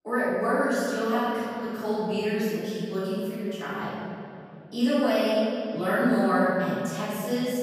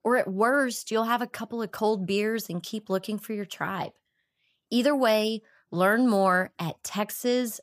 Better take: second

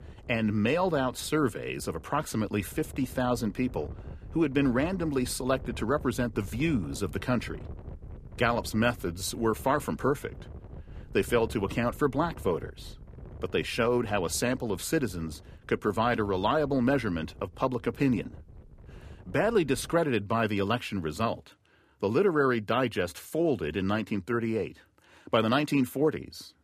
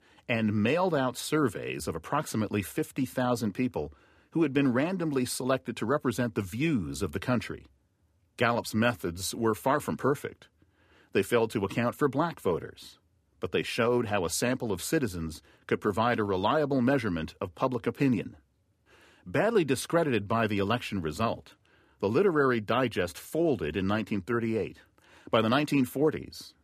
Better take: second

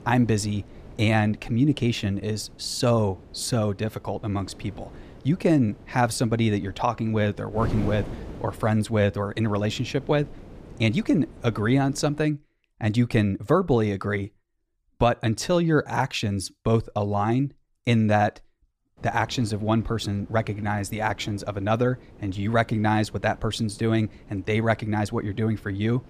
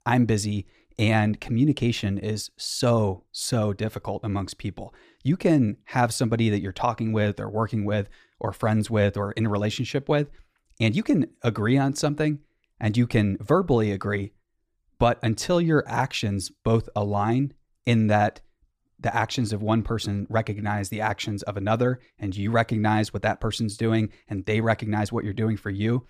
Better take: second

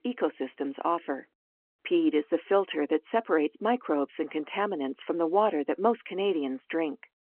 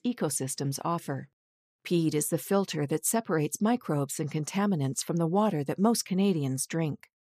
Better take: second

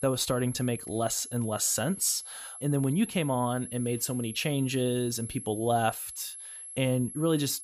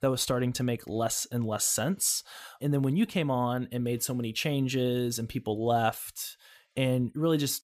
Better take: second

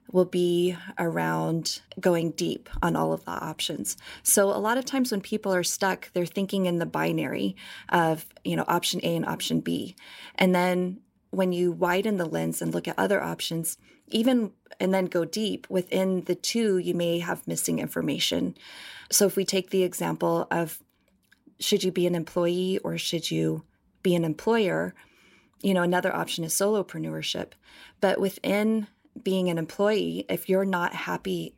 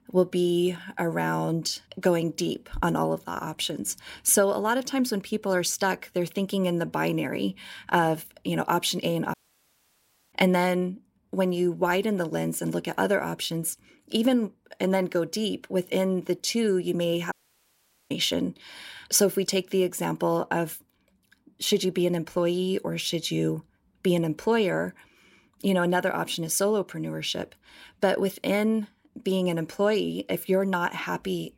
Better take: first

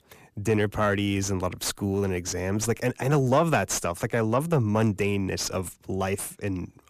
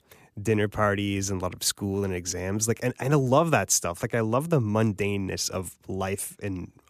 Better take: second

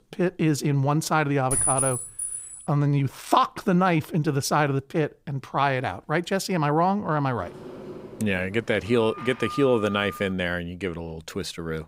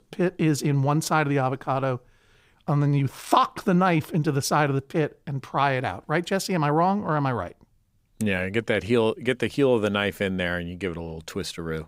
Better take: second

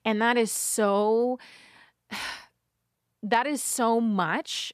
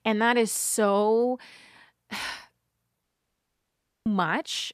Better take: first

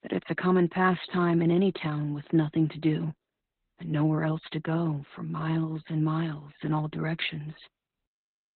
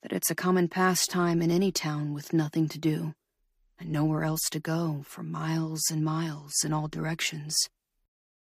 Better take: second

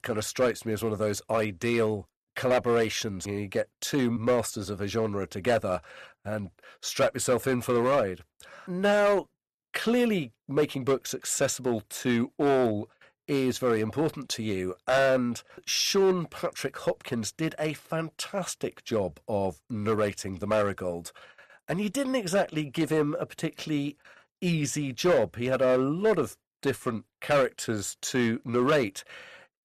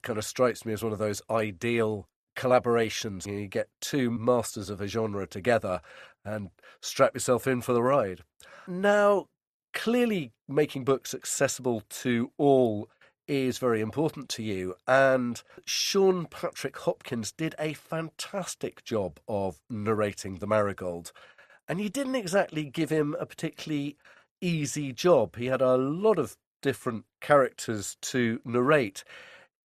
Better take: second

